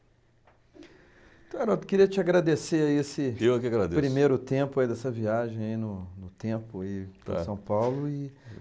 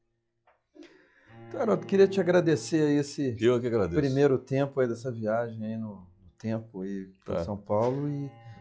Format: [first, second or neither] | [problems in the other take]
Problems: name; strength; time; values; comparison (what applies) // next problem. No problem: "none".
first | noise reduction (classical method log-MMSE)